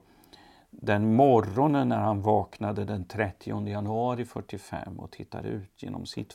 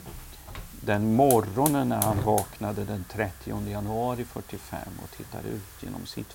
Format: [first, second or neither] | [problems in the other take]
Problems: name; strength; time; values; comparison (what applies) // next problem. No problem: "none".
first | hiss; loud; throughout; 9 dB below the speech